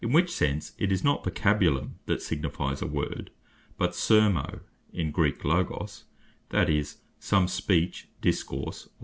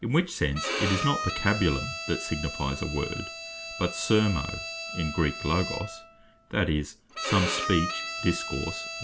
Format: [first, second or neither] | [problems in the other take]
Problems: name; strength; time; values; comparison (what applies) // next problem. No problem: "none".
first | background sound (Bowed string instrument); 6 dB below the speech